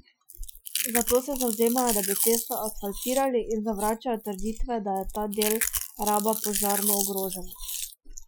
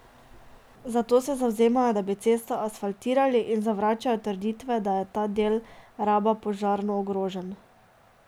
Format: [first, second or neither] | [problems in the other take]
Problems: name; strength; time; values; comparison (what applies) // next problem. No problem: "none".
second | noise reduction (classical method Wiener filter)